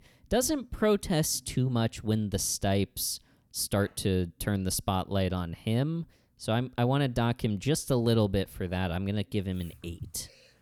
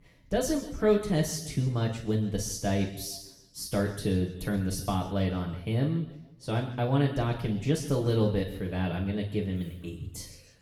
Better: first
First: none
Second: room echo; noticeable; dies away in 0.9 s // off-mic speech; far

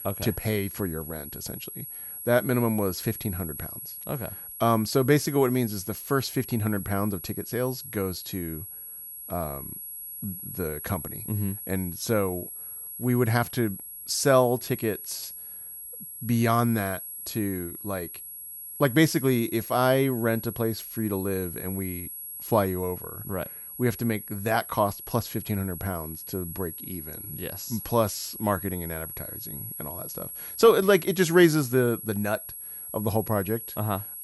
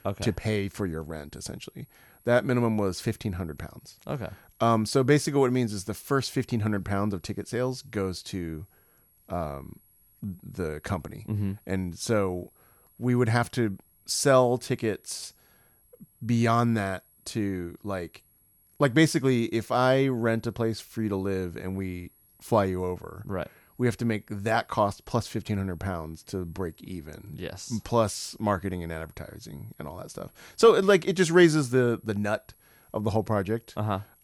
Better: second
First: high-pitched whine; loud; throughout; 11.5 kHz, 9 dB below the speech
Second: high-pitched whine; faint; throughout; 11.5 kHz, 35 dB below the speech

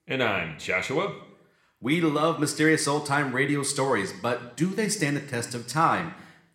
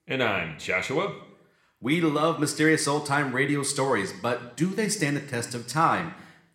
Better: neither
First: room echo; very slight; dies away in 0.7 s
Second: room echo; very slight; dies away in 0.7 s

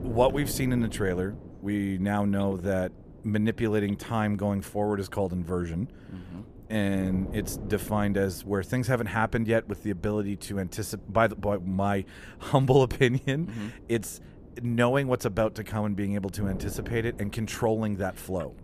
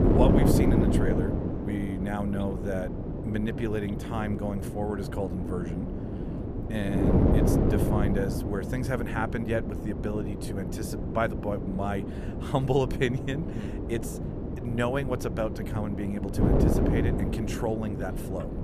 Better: first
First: wind noise on the microphone; occasional gusts; 20 dB below the speech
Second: wind noise on the microphone; heavy; 1 dB below the speech

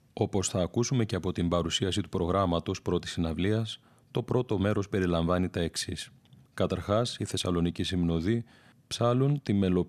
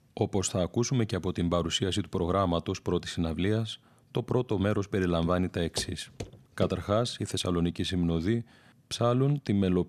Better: first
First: none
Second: footsteps; faint; from 5 to 6.5 s; peak 10 dB below the speech

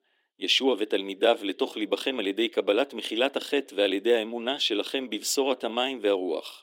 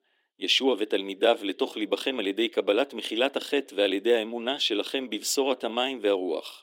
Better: neither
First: thin; very slightly; fading below 300 Hz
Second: thin; very slightly; fading below 300 Hz

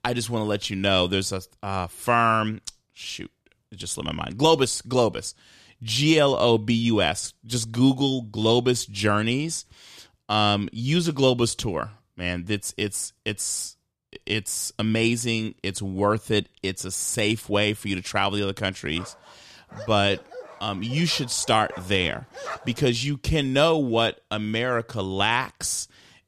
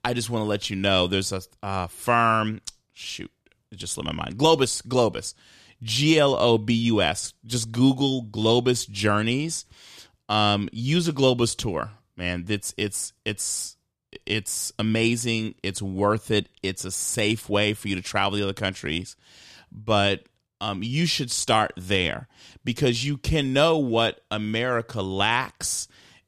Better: second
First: dog barking; faint; from 19 to 23 s; peak 10 dB below the speech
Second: none

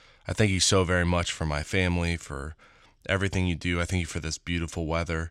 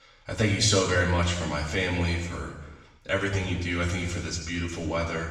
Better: first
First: none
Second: room echo; noticeable; dies away in 1 s // off-mic speech; far

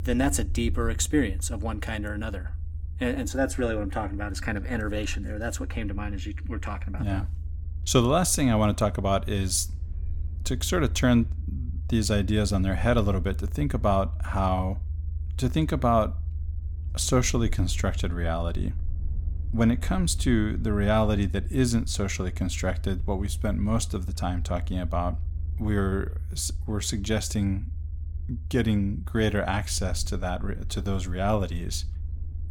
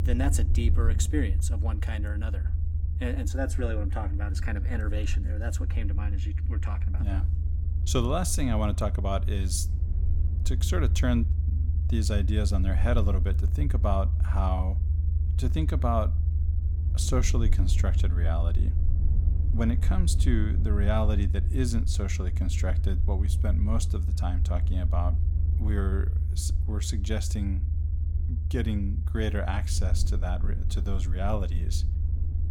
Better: first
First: low rumble; faint; throughout; 20 dB below the speech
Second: low rumble; loud; throughout; 10 dB below the speech

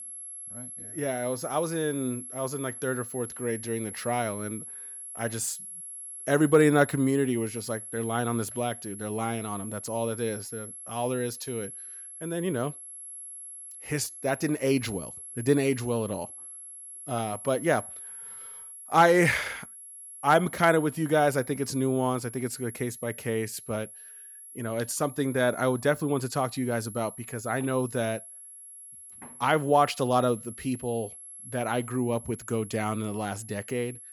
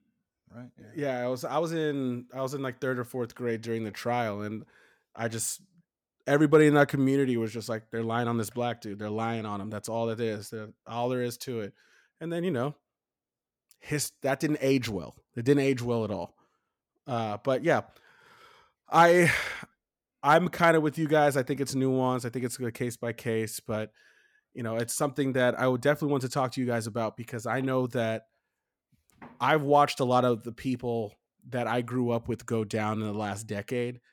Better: second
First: high-pitched whine; noticeable; throughout; 11 kHz, 10 dB below the speech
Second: none

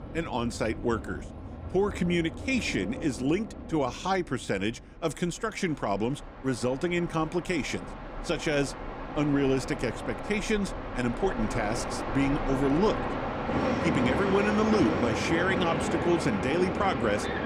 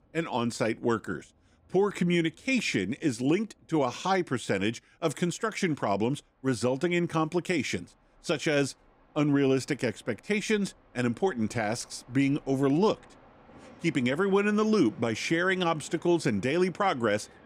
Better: second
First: train or aircraft noise; loud; throughout; 4 dB below the speech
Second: train or aircraft noise; faint; throughout; 30 dB below the speech

